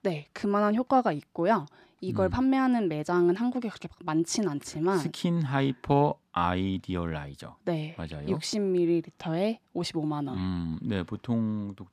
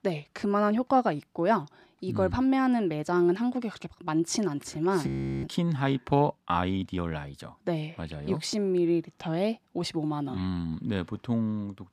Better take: first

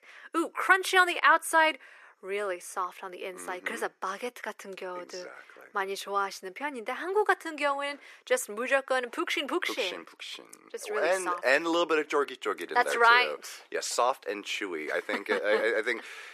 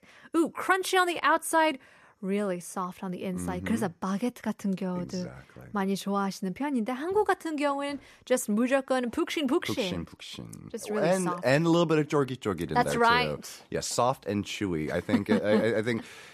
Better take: second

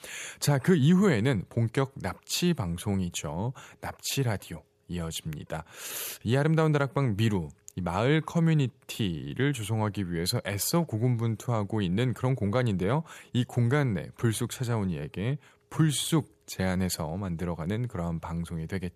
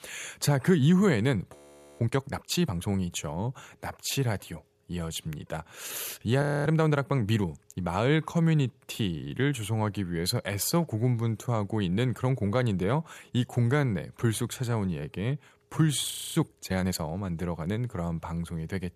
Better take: first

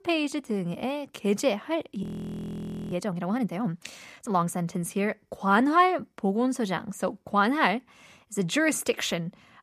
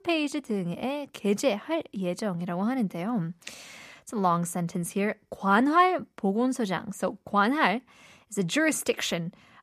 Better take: second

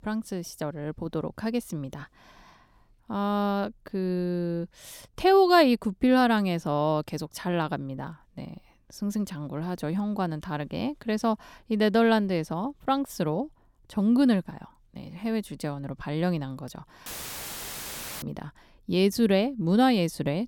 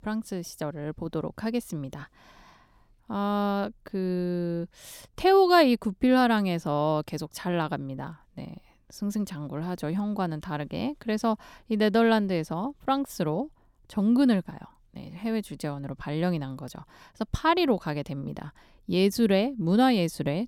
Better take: second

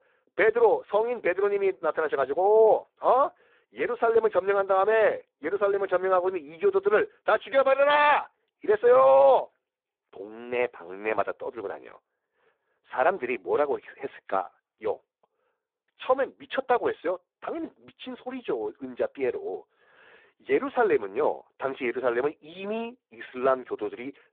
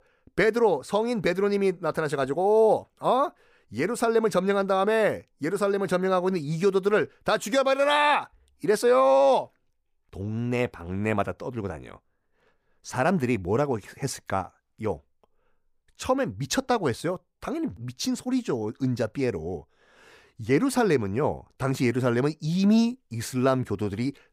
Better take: second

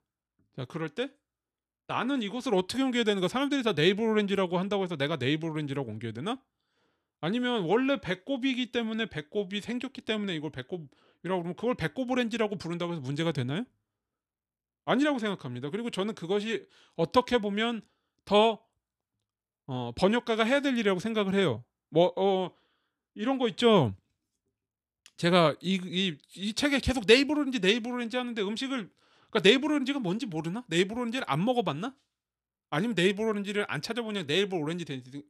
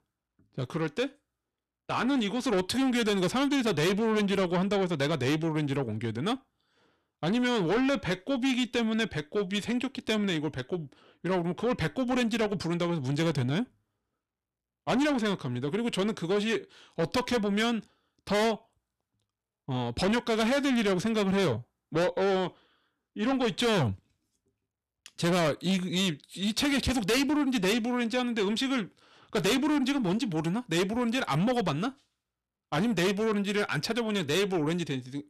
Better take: first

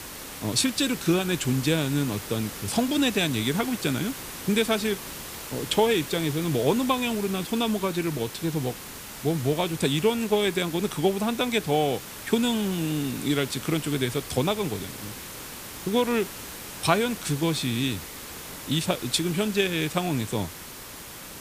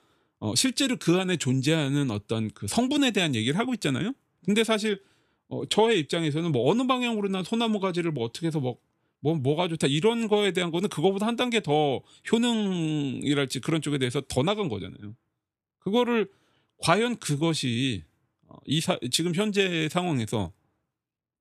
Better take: second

